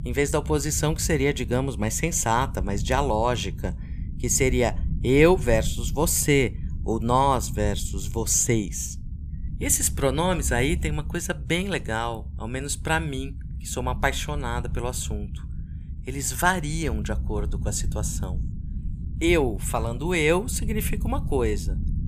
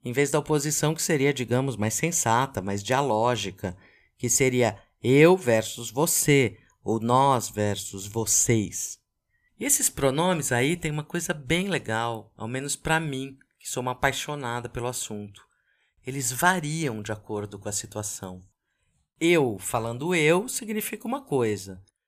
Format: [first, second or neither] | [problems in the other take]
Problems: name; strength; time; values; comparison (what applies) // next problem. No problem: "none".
second | low rumble; faint; throughout; 20 dB below the speech